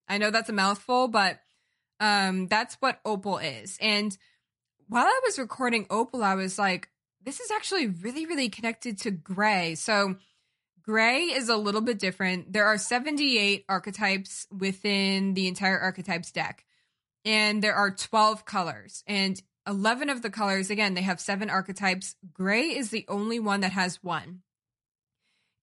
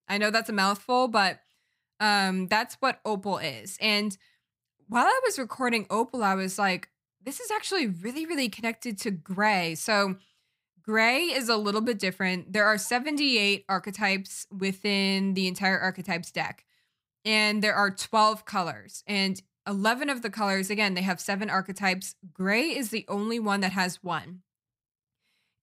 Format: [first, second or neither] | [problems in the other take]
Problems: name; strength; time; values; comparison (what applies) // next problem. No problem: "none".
second | garbled, watery; slightly; nothing above 11 kHz